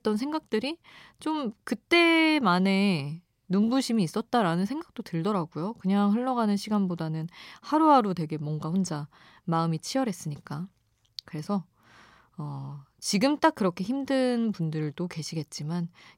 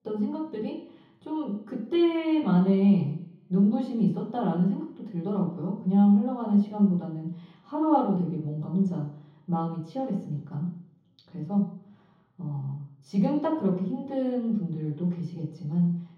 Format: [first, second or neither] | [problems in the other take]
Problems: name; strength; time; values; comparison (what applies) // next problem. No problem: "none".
first | room echo; noticeable; dies away in 0.7 s // off-mic speech; far